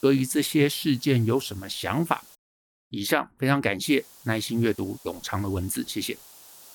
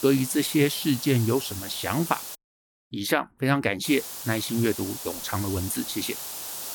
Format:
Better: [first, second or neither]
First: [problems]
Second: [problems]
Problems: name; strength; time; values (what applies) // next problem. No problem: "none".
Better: first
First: hiss; faint; until 2.5 s and from 4 s on; 20 dB below the speech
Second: hiss; loud; until 2.5 s and from 4 s on; 8 dB below the speech